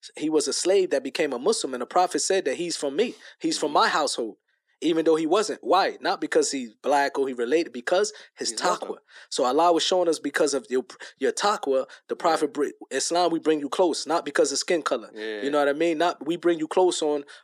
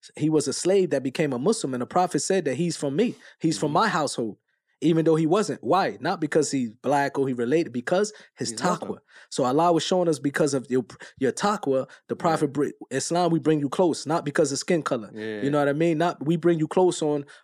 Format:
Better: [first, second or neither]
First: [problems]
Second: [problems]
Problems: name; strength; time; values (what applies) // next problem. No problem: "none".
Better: second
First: thin; somewhat; fading below 350 Hz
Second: none